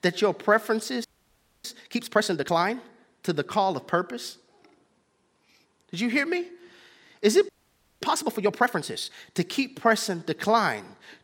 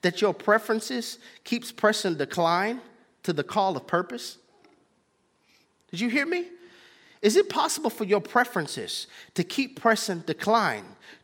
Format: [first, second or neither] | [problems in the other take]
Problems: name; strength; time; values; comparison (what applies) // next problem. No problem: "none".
second | audio freezing; at 1 s for 0.5 s and at 7.5 s for 0.5 s